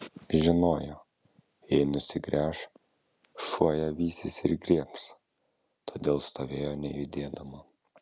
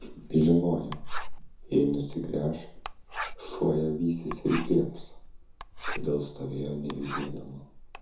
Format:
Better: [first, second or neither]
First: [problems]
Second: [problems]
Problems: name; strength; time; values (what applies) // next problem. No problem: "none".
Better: first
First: none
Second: background sound (Writing); 8 dB below the speech // room echo; dies away in 0.6 s